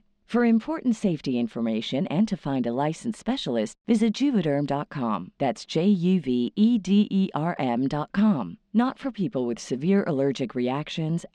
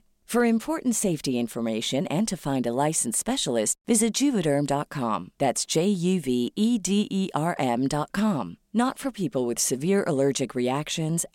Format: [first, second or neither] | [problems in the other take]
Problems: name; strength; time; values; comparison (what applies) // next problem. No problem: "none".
second | muffled; slightly; fading above 4 kHz